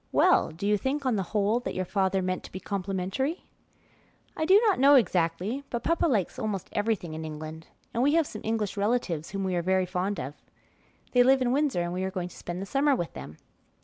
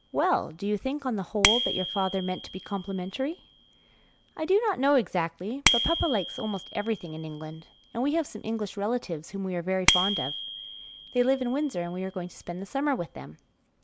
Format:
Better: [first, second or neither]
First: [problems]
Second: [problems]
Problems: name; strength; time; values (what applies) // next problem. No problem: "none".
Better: first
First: none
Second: background sound (Bicycle bell); 5 dB below the speech